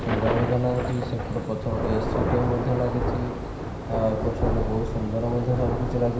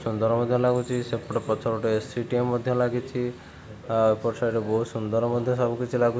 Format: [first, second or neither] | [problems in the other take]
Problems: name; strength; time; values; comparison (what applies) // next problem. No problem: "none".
second | background sound (Thunder / Rain); 1 dB below the speech // room echo; dies away in 0.9 s